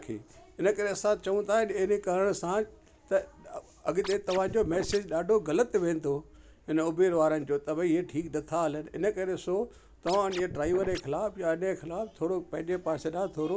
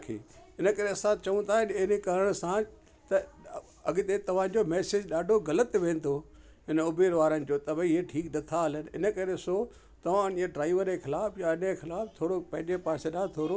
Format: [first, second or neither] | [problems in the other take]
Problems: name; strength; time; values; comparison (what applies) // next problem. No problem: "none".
second | background sound (Scratching (performance technique)); 11 dB below the speech